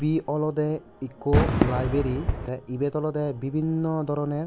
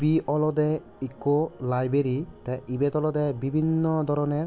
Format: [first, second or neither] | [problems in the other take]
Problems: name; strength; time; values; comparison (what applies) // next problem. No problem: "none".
second | background sound (Fireworks); 3 dB below the speech